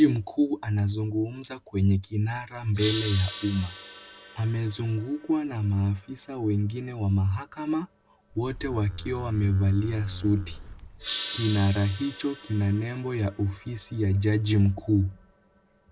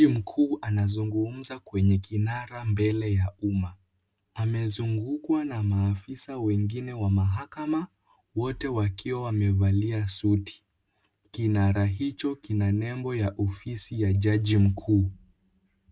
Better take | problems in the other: second | background sound (Gong + Livestock, farm animals, working animals); 15 dB below the speech

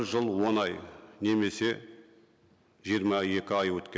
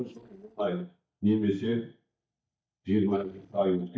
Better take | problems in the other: first | noise reduction (neural mask model DeepFilterNet 3)

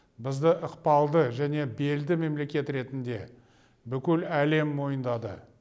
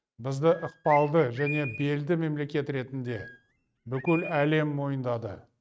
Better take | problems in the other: first | noise reduction (neural mask model RNNoise)

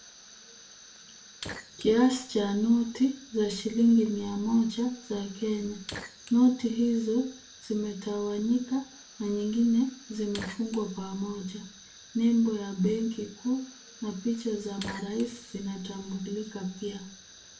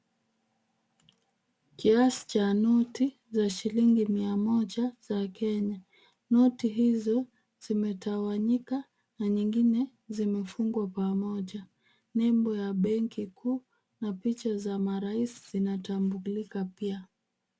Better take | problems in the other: second | background sound (Fire); 19 dB below the speech // room echo; dies away in 0.3 s

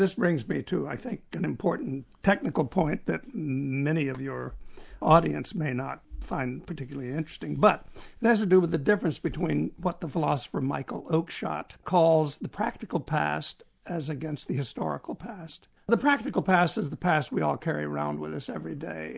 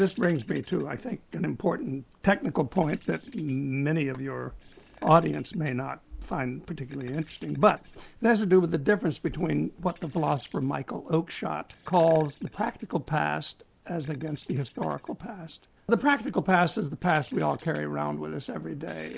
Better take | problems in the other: first | noise reduction (neural separator model SepFormer DNS4)

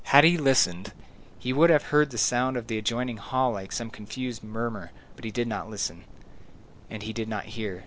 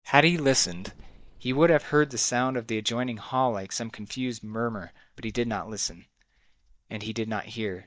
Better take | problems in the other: first | noise reduction (neural mask model DeepFilterNet 3)

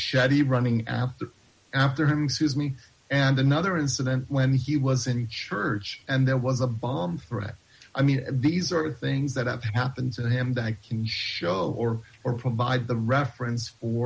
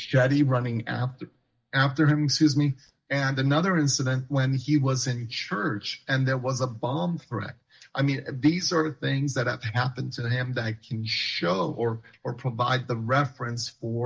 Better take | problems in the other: first | noise reduction (neural mask model DeepFilterNet 3)

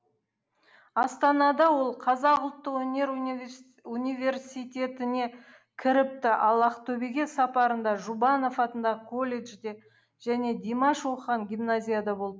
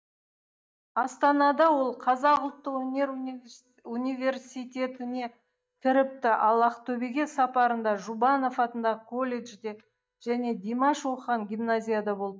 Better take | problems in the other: first | noise reduction (neural mask model DeepFilterNet 3)

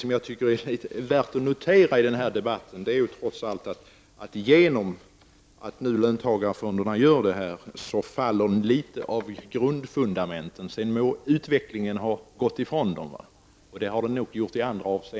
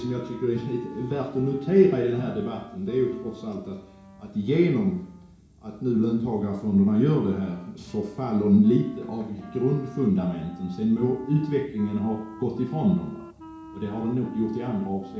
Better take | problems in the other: first | background sound (Wind instrument, woodwind instrument); 19 dB below the speech // room echo; dies away in 0.6 s

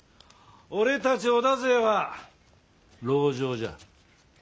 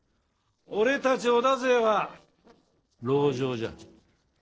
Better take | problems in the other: first | noise reduction (neural separator model SepFormer DNS4)

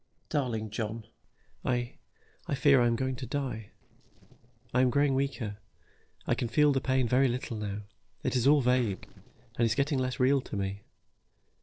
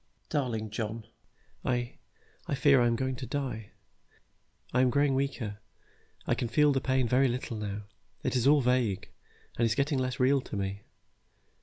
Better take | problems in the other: second | noise reduction (neural separator model SepFormer DNS4)

